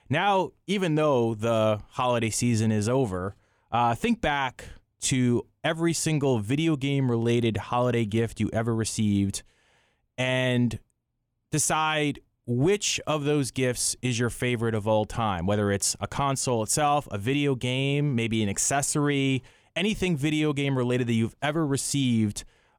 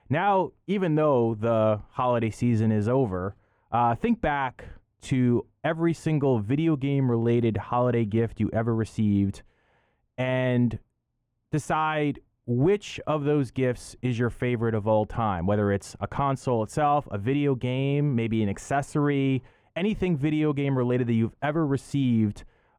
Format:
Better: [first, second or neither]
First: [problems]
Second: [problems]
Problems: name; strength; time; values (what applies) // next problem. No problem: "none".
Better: first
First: none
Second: muffled; very; fading above 3 kHz